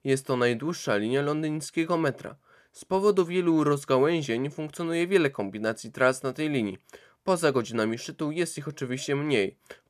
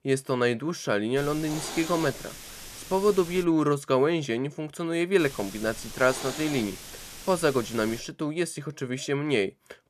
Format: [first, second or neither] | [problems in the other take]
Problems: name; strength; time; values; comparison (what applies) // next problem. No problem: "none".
first | hiss; noticeable; from 1 to 3.5 s and from 5 to 8 s; 10 dB below the speech